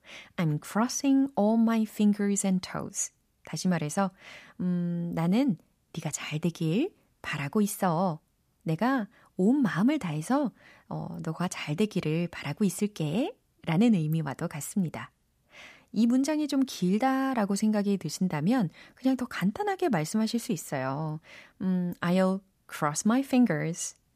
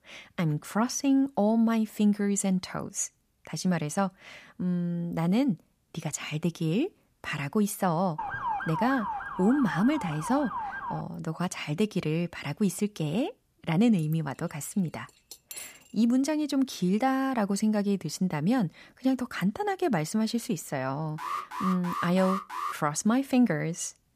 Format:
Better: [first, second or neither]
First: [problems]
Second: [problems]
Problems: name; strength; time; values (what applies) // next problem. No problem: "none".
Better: first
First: none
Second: siren; noticeable; from 8 to 11 s; peak 3 dB below the speech // clattering dishes; faint; from 14 to 16 s; peak 10 dB below the speech // alarm; noticeable; from 21 to 23 s; peak 5 dB below the speech